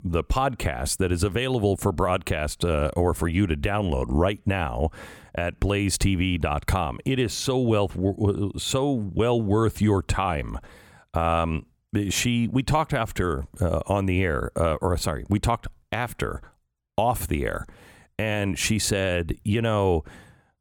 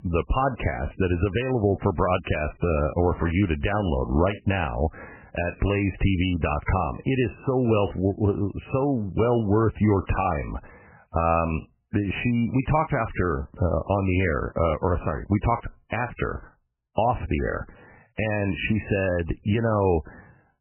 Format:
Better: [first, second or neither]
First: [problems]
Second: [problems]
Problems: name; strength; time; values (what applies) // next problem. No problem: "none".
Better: first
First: none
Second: garbled, watery; badly; nothing above 3 kHz